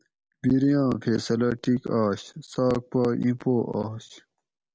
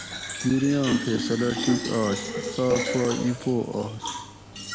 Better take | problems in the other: first | background sound (Fill (with liquid)); 4 dB below the speech

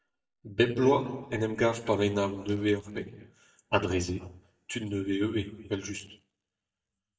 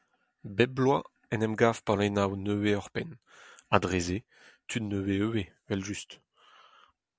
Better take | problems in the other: second | noise reduction (neural mask model DeepFilterNet 3)

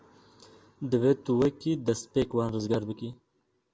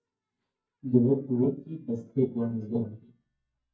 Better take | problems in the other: first | noise reduction (neural mask model DeepFilterNet 3)

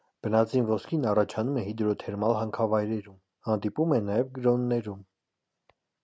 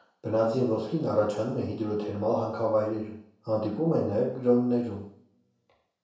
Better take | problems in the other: first | room echo; dies away in 0.7 s

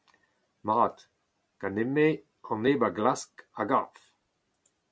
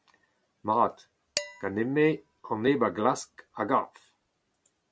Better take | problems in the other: first | background sound (Dishes, pots, and pans); 13 dB below the speech

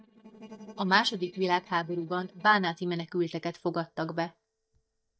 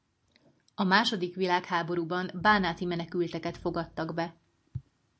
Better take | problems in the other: second | noise reduction (neural mask model DeepFilterNet 3)

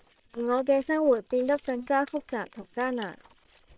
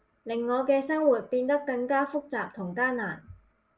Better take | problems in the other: second | noise reduction (neural separator model SepFormer WHAM!)

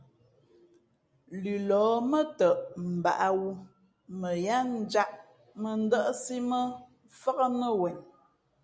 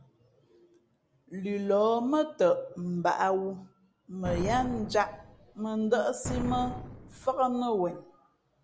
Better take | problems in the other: first | background sound (Explosion); 9 dB below the speech

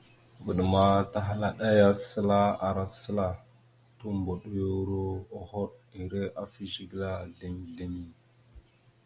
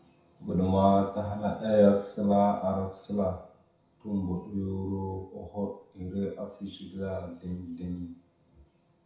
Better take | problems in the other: first | room echo; dies away in 0.6 s

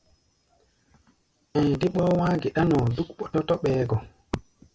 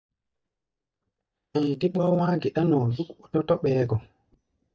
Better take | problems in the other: first | noise reduction (neural mask model DeepFilterNet 3)

